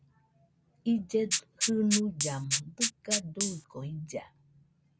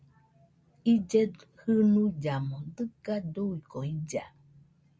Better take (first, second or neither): second